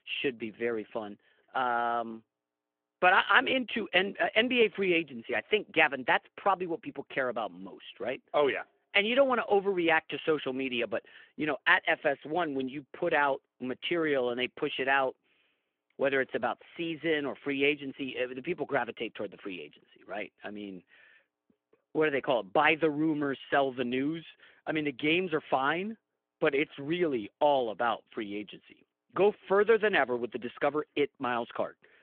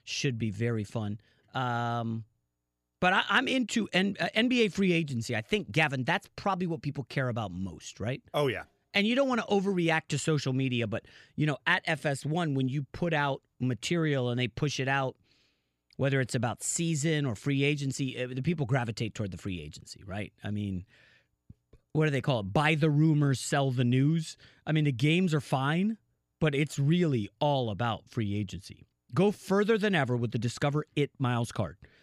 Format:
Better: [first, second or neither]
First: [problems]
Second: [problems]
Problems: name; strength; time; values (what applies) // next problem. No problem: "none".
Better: second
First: phone-call audio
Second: none